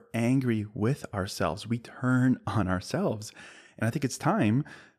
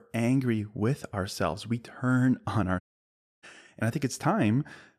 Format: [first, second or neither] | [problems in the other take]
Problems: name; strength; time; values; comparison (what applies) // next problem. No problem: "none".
first | audio cutting out; at 3 s for 0.5 s